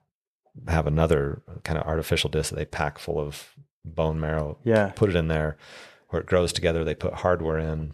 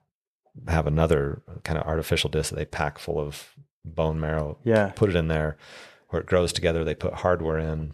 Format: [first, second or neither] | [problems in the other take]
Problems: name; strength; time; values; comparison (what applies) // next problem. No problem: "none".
neither | none